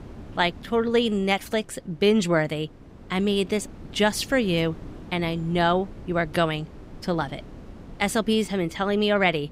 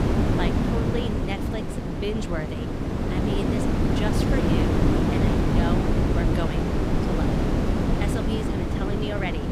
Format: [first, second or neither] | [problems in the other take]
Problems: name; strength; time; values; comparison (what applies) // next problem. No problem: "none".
first | wind noise on the microphone; heavy; 5 dB above the speech; occasional gusts in the first